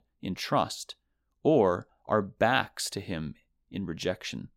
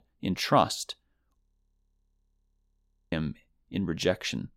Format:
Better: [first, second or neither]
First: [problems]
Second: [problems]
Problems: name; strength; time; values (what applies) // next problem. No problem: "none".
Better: first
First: none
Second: audio freezing; at 1.5 s for 1.5 s